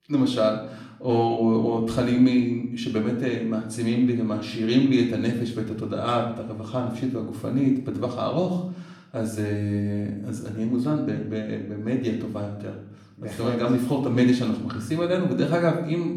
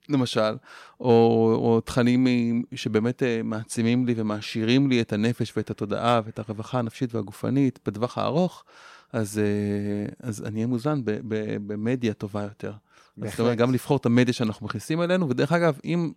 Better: second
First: off-mic speech; far // room echo; slight; dies away in 0.7 s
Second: none

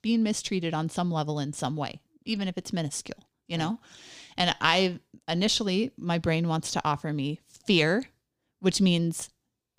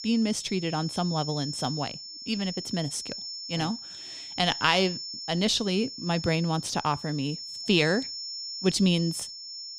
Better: first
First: none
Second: high-pitched whine; loud; throughout; 5.5 kHz, 8 dB below the speech

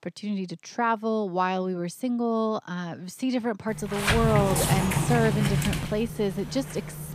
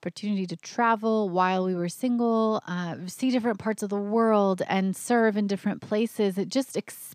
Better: second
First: door banging; loud; from 4 s on; peak 4 dB above the speech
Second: none

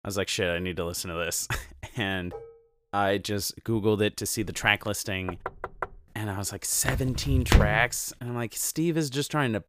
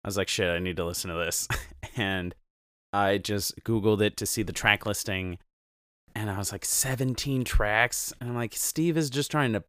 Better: second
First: clattering dishes; faint; at 2.5 s; peak 15 dB below the speech // door banging; noticeable; at 5.5 s; peak 8 dB below the speech // footsteps; loud; at 7 s; peak 5 dB above the speech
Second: none

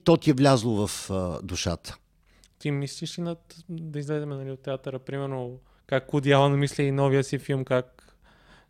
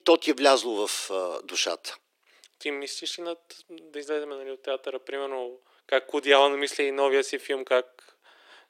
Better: first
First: none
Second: thin; very; fading below 350 Hz

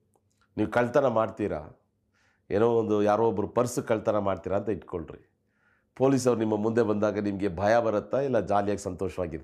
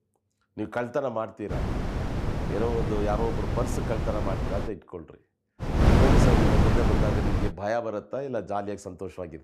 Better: first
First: none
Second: wind noise on the microphone; heavy; from 1.5 to 4.5 s and from 5.5 to 7.5 s; as loud as the speech

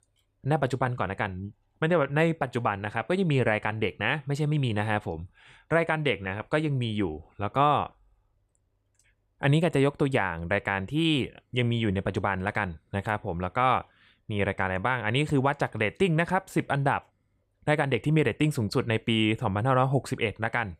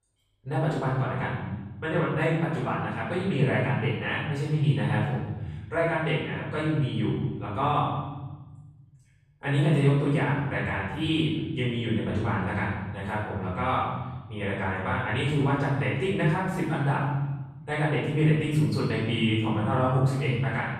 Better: first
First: none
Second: room echo; strong; dies away in 1.5 s // off-mic speech; far

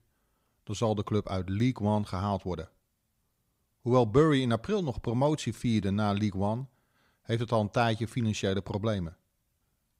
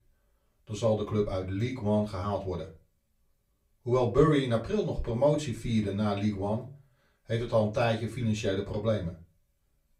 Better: first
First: none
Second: off-mic speech; far // room echo; very slight; dies away in 0.2 s

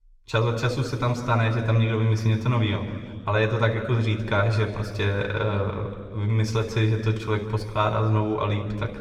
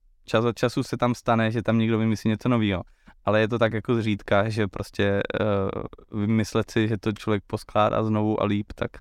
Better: second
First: room echo; slight; dies away in 1.8 s // off-mic speech; somewhat distant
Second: none

